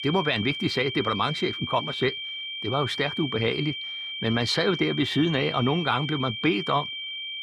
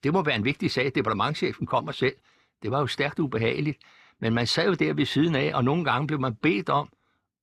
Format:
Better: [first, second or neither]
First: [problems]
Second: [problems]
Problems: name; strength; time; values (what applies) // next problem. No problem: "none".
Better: second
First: high-pitched whine; loud; throughout; 3 kHz, 5 dB below the speech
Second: none